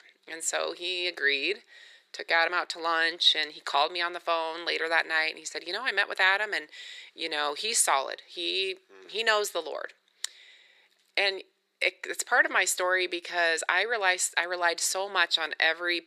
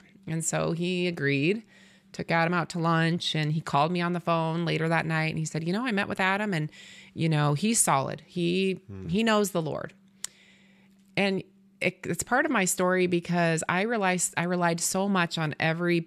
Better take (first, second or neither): second